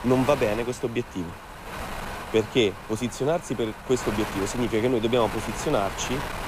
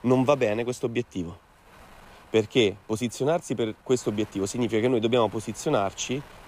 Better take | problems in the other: second | wind noise on the microphone; heavy; 7 dB below the speech; occasional gusts in the second

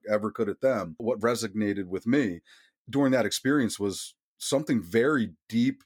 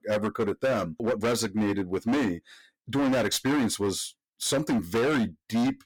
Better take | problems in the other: first | distortion; heavy; 19% of the sound clipped

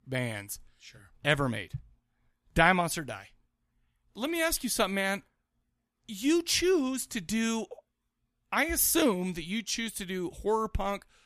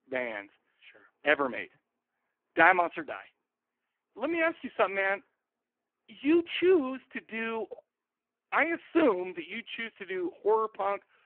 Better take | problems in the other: first | phone-call audio; poor line

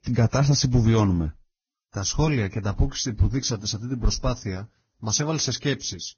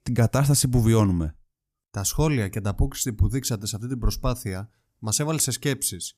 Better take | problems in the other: second | garbled, watery; badly; nothing above 6.5 kHz

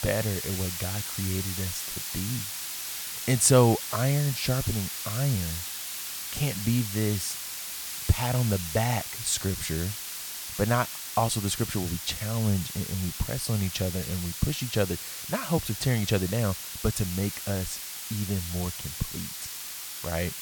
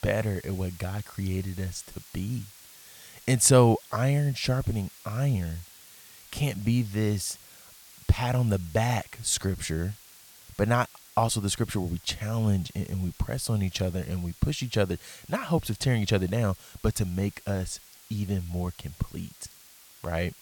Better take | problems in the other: second | hiss; loud; throughout; 5 dB below the speech; faint in the second

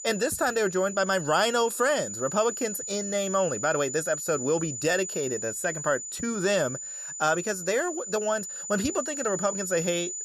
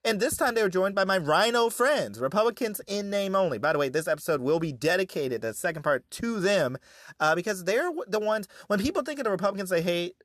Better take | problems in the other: second | high-pitched whine; loud; throughout; 7 kHz, 6 dB below the speech

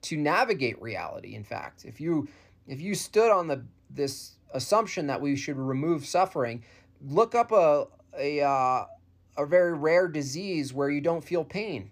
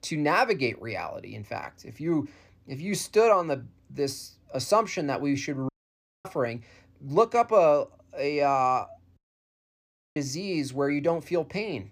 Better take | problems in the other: first | audio cutting out; at 5.5 s for 0.5 s and at 9 s for 1 s

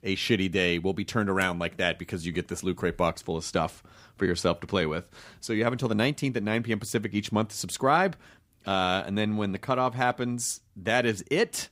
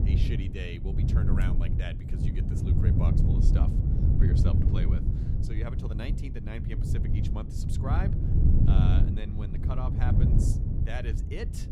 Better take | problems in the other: first | wind noise on the microphone; heavy; 2 dB above the speech

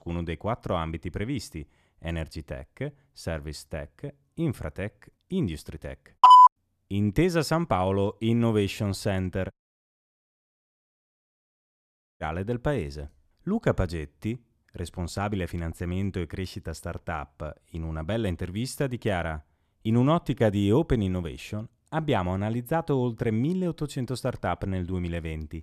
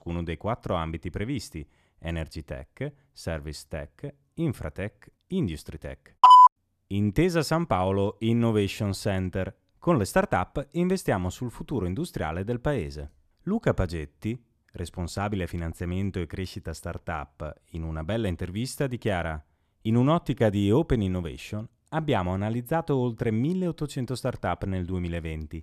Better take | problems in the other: second | audio cutting out; at 9.5 s for 2.5 s

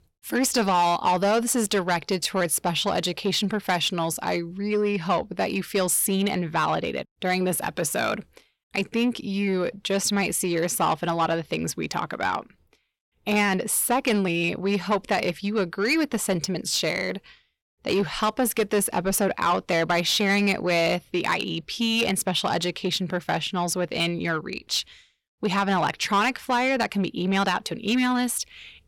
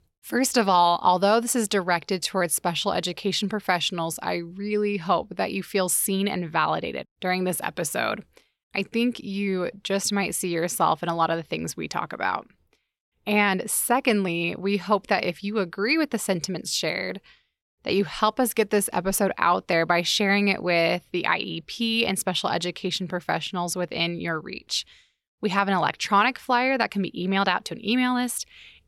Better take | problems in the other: second | distortion; slight; 10 dB below the speech

